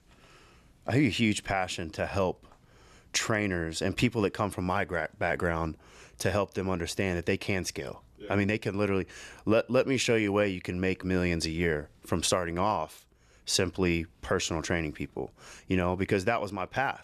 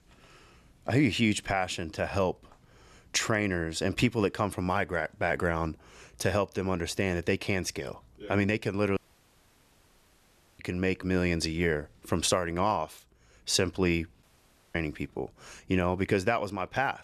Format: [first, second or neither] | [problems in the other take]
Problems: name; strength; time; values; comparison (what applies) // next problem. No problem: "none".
first | audio cutting out; at 9 s for 1.5 s and at 14 s for 0.5 s